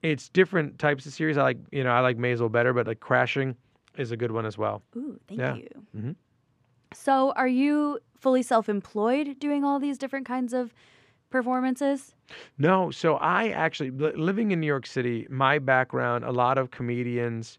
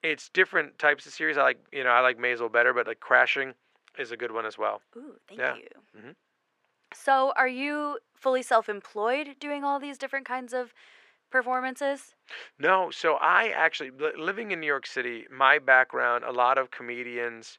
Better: first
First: none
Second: thin; very; fading below 500 Hz

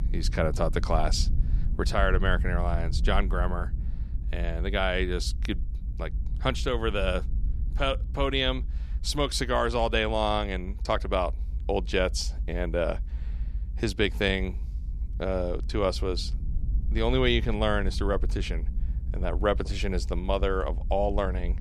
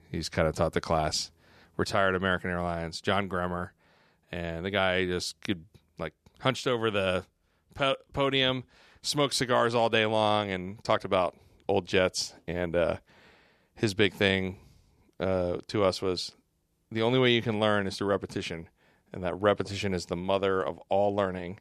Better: second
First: low rumble; faint; throughout; 20 dB below the speech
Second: none

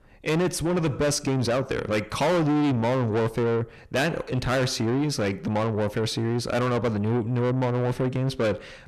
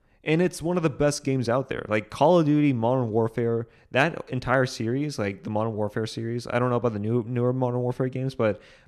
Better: second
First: distortion; heavy; 6 dB below the speech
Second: none

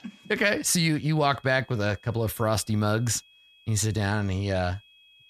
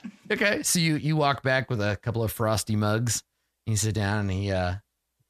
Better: second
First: high-pitched whine; faint; throughout; 3.5 kHz, 30 dB below the speech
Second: none

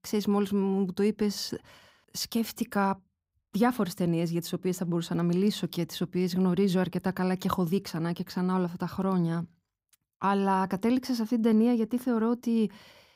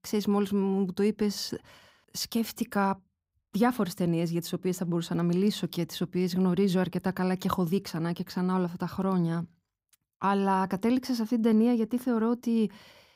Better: neither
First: none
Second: none

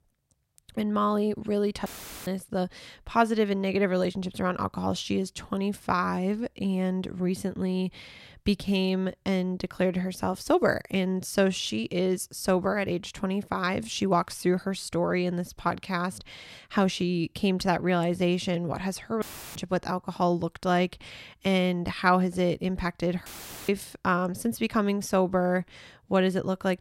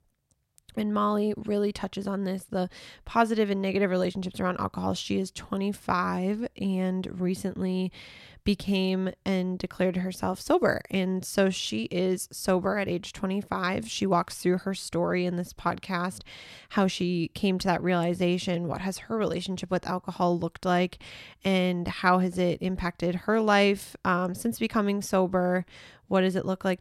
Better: second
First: audio cutting out; filled with static; at 2 s, at 19 s and at 23 s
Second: none

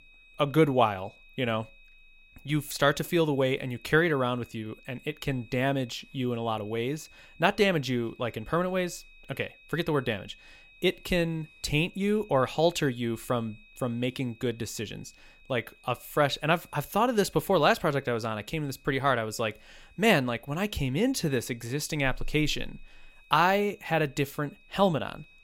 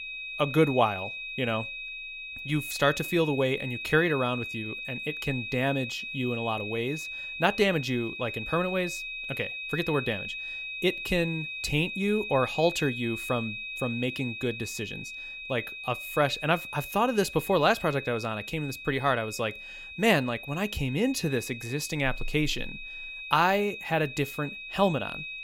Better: first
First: high-pitched whine; faint; throughout; 2.5 kHz, 25 dB below the speech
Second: high-pitched whine; loud; throughout; 2.5 kHz, 7 dB below the speech

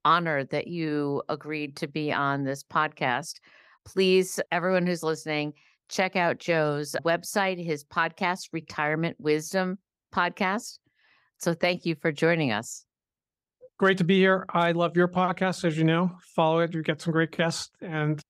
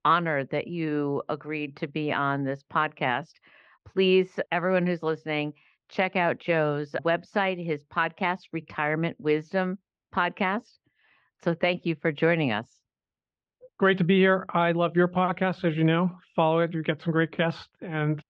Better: first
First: none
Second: muffled; slightly; fading above 3 kHz

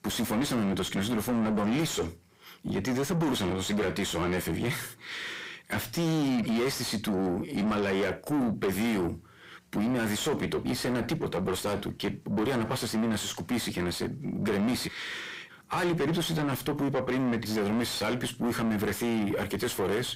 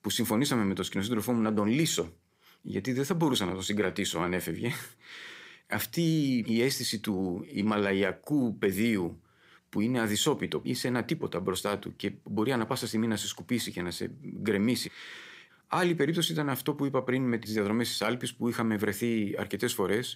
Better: second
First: distortion; heavy; 5 dB below the speech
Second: none

